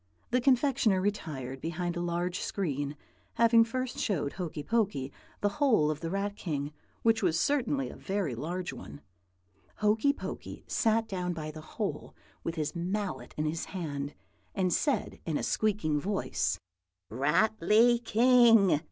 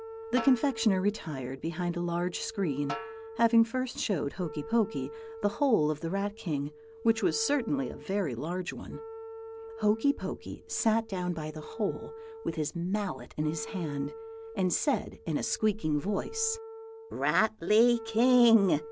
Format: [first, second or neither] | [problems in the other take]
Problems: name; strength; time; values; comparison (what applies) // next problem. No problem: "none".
first | background sound (Snare drum + Wind instrument, woodwind instrument); 15 dB below the speech